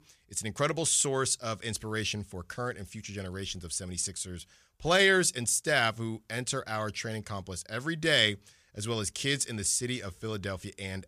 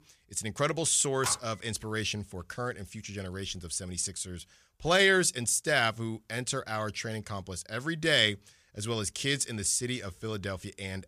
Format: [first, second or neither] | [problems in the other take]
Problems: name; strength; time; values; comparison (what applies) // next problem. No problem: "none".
first | phone ringing; noticeable; at 1 s; peak 9 dB below the speech